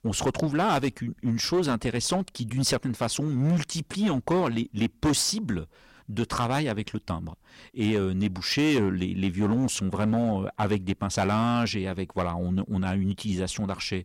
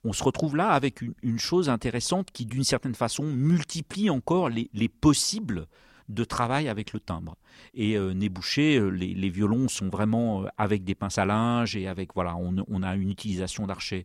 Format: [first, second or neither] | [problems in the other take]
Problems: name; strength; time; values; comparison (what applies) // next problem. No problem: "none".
second | distortion; slight; 8% of the sound clipped